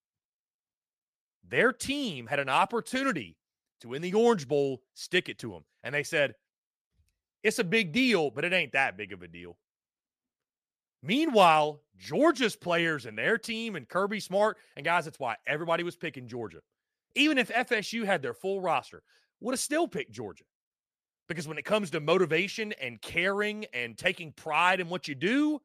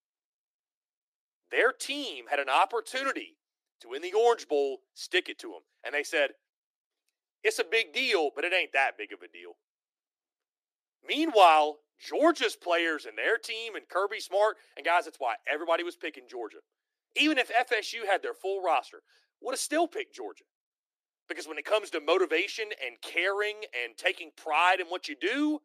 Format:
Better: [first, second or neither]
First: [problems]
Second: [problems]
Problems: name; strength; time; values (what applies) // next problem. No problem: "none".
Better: first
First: none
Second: thin; somewhat; fading below 300 Hz